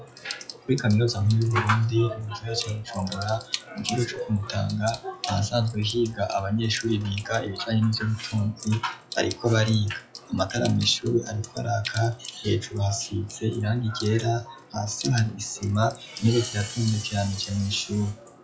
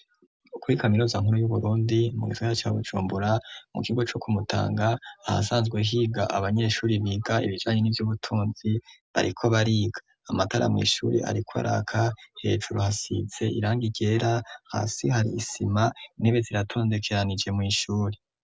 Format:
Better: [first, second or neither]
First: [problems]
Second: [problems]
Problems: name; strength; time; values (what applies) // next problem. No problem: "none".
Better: second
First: noise reduction (classical method log-MMSE)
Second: none